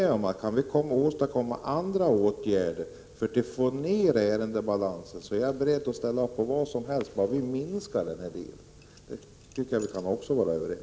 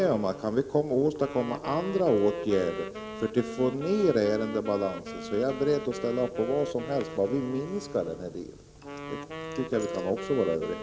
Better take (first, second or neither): first